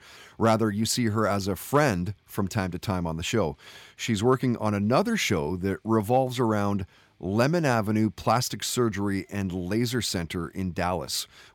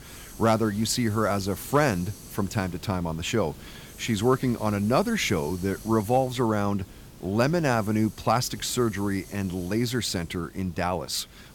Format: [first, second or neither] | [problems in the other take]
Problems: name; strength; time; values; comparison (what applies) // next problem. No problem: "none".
first | hiss; noticeable; throughout; 20 dB below the speech